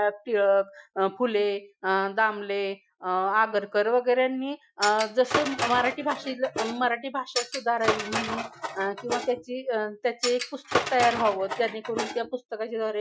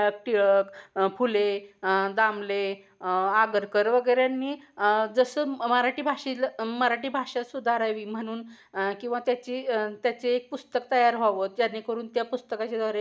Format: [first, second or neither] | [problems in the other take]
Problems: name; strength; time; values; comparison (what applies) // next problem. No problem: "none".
second | noise reduction (classical method Wiener filter)